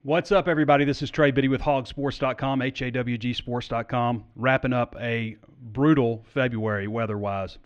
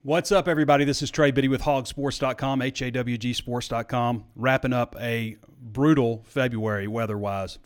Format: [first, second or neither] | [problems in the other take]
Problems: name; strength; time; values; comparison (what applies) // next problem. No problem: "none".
second | muffled; slightly; fading above 3 kHz